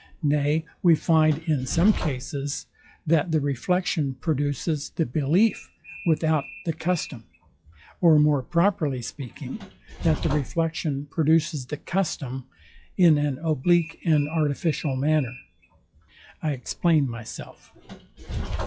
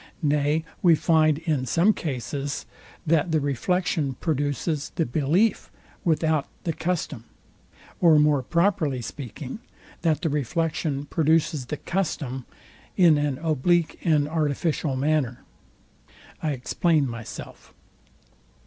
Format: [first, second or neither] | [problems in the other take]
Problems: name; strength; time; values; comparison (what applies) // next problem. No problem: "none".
second | noise reduction (classical method log-MMSE)